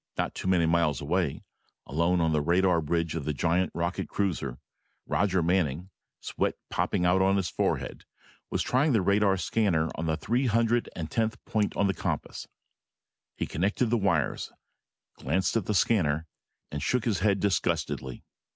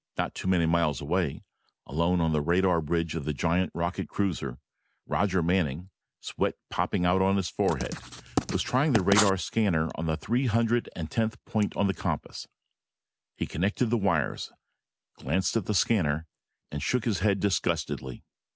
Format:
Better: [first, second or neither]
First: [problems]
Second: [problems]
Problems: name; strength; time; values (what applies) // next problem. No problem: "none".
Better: first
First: none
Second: background sound (Writing); 4 dB below the speech